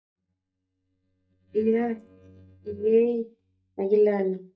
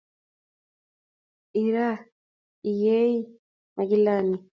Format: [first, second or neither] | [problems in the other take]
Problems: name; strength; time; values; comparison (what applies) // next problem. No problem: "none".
second | noise reduction (neural mask model DeepFilterNet 3)